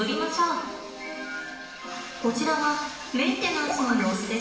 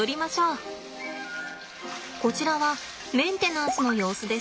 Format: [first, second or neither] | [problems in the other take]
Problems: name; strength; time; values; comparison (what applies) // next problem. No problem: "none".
second | room echo; dies away in 1 s